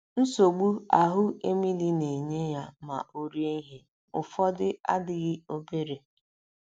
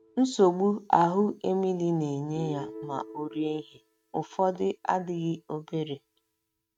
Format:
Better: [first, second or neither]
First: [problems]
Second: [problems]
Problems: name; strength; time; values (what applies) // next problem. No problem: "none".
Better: first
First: none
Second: noise reduction (neural mask model RNNoise)